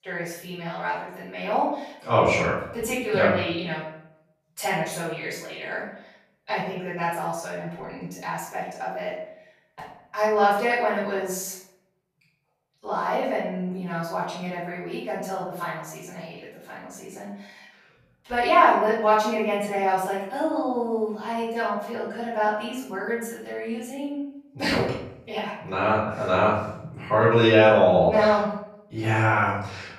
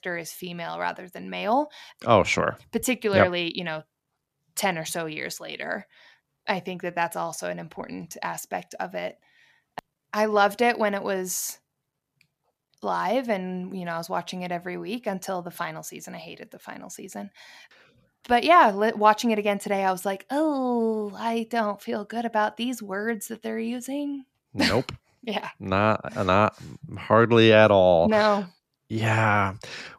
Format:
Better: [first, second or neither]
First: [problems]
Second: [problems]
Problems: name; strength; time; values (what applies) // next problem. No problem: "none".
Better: second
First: off-mic speech; far // room echo; noticeable; dies away in 0.6 s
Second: none